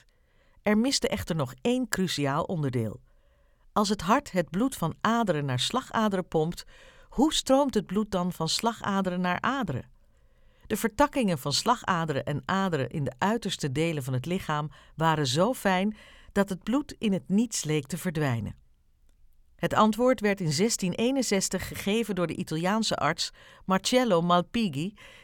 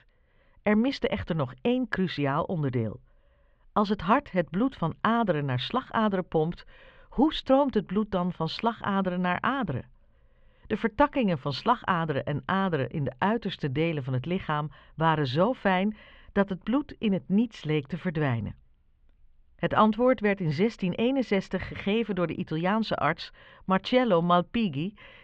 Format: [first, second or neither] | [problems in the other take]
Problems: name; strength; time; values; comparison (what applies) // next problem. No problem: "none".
first | muffled; slightly; fading above 3 kHz